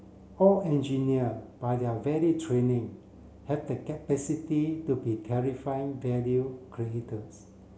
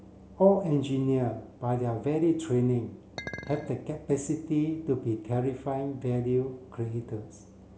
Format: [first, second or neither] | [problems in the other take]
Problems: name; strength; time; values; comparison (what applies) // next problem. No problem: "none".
first | background sound (Chink, clink); 13 dB below the speech